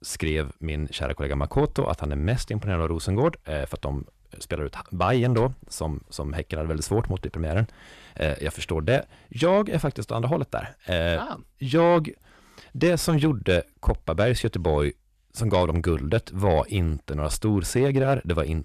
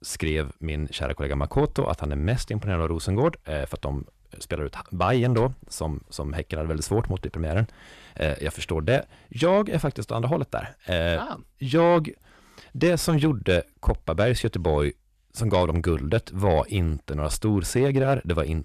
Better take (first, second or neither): neither